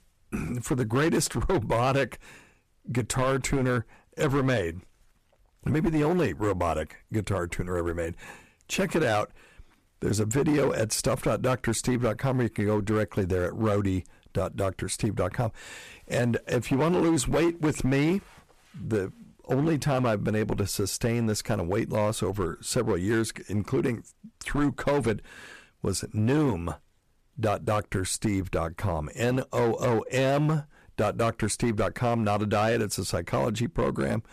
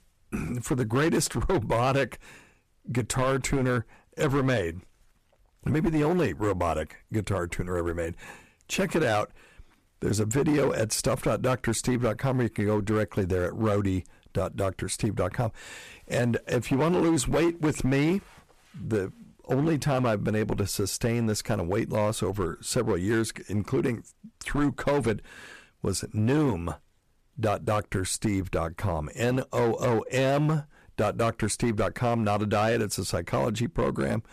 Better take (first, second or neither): neither